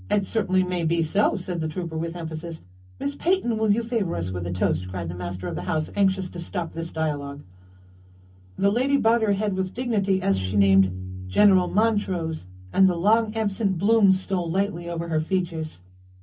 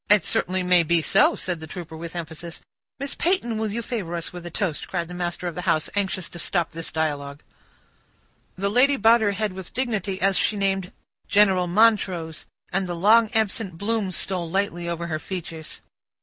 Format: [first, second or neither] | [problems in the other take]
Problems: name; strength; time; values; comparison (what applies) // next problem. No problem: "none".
second | background sound (Bass guitar); 13 dB below the speech // room echo; dies away in 0.3 s